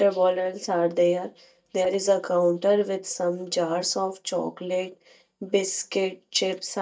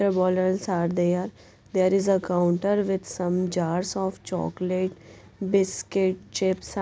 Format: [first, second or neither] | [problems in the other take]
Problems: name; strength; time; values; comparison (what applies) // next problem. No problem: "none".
second | noise reduction (neural mask model DeepFilterNet 3)